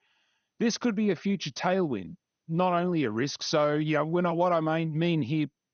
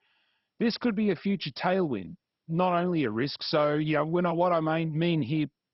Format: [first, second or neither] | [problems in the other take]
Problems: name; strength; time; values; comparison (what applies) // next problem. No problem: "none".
first | garbled, watery; badly; nothing above 5.5 kHz; slightly in the first